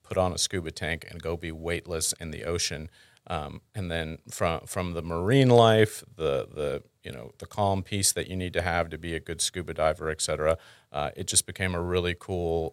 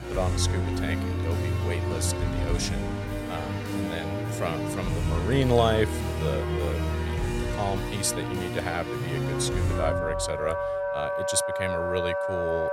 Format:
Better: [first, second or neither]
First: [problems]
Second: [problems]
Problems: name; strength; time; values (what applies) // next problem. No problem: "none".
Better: first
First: none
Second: background music; very loud; throughout; 1 dB above the speech